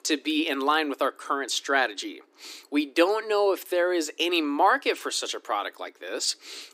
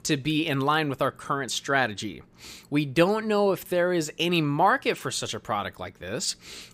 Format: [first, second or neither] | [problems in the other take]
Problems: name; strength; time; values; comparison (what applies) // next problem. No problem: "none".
second | thin; very slightly; fading below 300 Hz